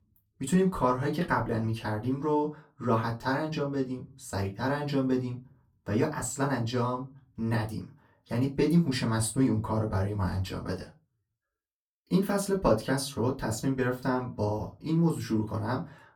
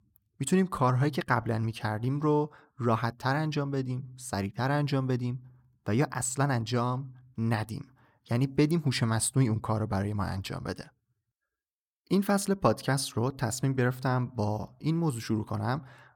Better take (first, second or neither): second